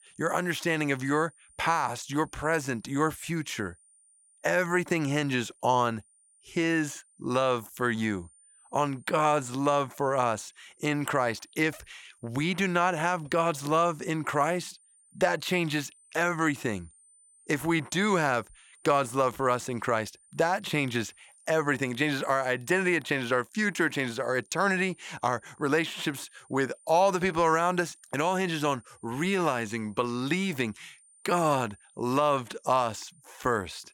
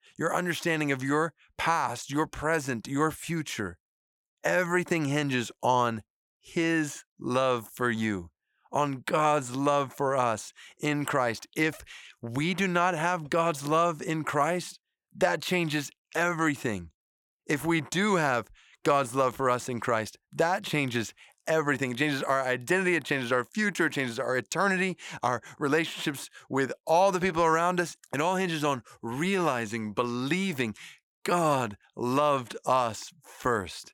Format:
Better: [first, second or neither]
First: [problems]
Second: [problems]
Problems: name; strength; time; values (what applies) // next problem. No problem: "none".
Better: second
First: high-pitched whine; faint; throughout; 9 kHz, 30 dB below the speech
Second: none